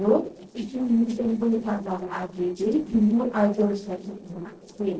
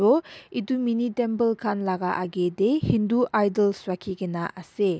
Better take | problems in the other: second | noise reduction (neural separator model SepFormer DNS4)

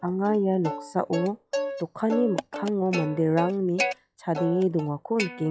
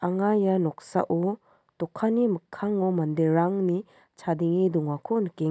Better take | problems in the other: second | noise reduction (classical method log-MMSE)

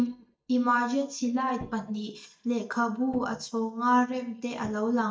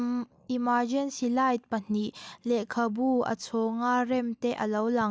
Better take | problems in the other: second | noise reduction (neural mask model DeepFilterNet 3)

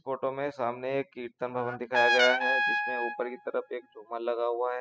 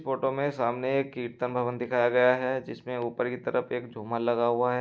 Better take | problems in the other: second | noise reduction (classical method spectral subtraction)

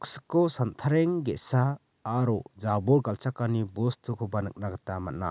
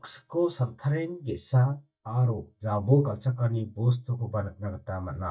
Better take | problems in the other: first | noise reduction (neural mask model DeepFilterNet 3)

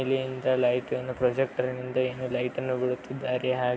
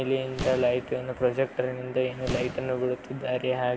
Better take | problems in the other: first | background sound (Boom); 12 dB below the speech

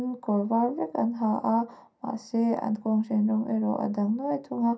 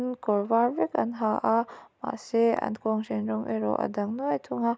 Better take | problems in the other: second | room echo; dies away in 0.3 s

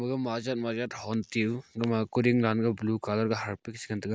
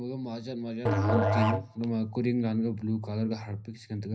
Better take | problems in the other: first | background sound (Musical instrument); 1 dB above the speech // room echo; dies away in 0.5 s

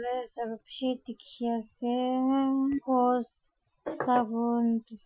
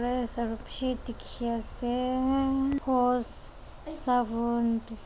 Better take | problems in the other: second | noise reduction (classical method Wiener filter)

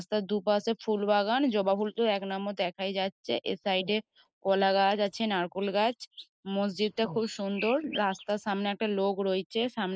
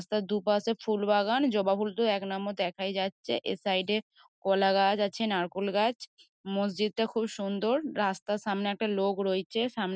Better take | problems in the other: second | noise reduction (neural mask model Resemble Enhance denoiser)

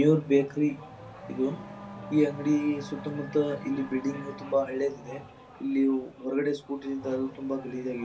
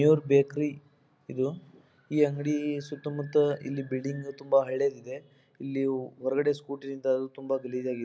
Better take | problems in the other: second | background sound (Race car, auto racing / Accelerating, revving, vroom); 15 dB below the speech // room echo; dies away in 0.2 s

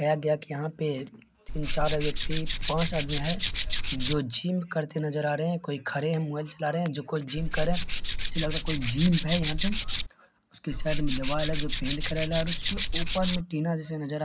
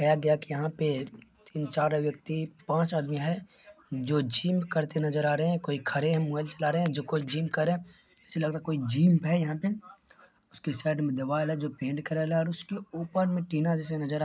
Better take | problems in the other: second | background sound (Tools); 2 dB above the speech

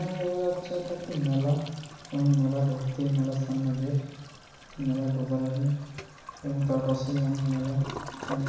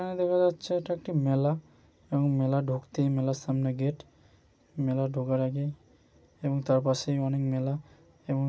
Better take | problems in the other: second | background sound (Toilet flush); 16 dB below the speech // room echo; dies away in 1.1 s

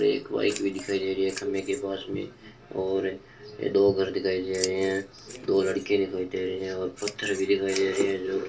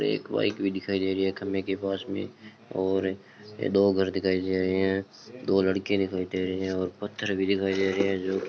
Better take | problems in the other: second | background sound (Scissors); 16 dB below the speech // room echo; dies away in 0.2 s

